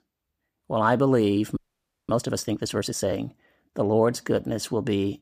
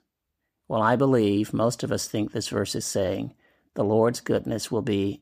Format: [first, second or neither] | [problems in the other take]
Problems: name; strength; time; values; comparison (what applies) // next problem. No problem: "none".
second | audio freezing; at 1.5 s for 0.5 s